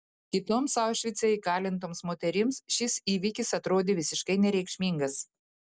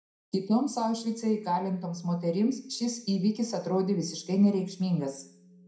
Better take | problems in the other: first | room echo; dies away in 0.5 s

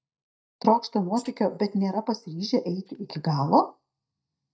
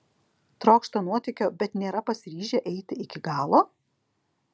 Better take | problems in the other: second | noise reduction (neural mask model DeepFilterNet 3)

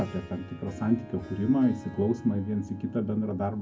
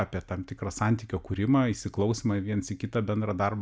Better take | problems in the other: second | background sound (Harp); 18 dB below the speech // room echo; dies away in 0.3 s

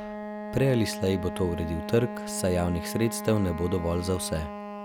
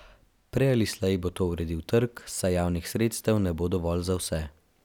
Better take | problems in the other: second | background sound (Wind instrument, woodwind instrument); 8 dB below the speech

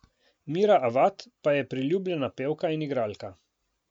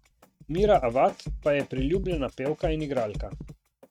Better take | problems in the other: first | noise reduction (neural mask model RNNoise)

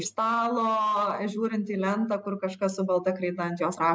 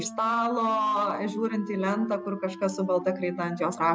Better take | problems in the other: first | background sound (Wind instrument, woodwind instrument); 14 dB below the speech

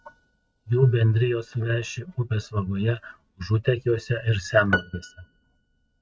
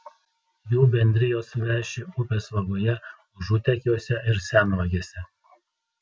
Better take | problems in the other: second | noise reduction (neural mask model RNNoise)

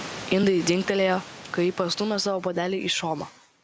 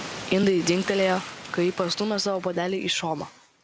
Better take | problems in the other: first | background sound (Liquid); 19 dB below the speech

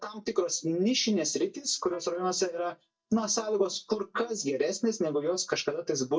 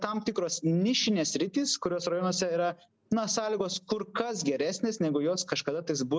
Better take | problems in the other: second | noise reduction (neural mask model DeepFilterNet 3)

